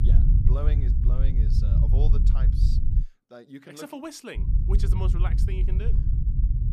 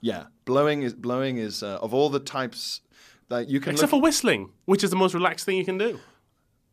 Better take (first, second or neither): second